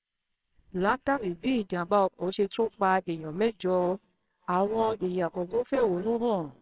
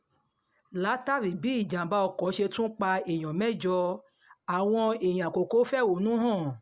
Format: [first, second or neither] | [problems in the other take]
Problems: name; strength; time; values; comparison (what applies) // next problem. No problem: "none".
second | noise reduction (neural separator model SepFormer WHAMR!)